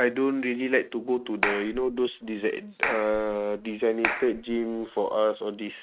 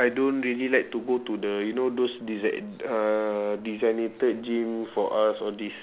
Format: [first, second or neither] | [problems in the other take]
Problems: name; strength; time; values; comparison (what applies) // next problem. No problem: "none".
second | noise reduction (neural mask model RNNoise)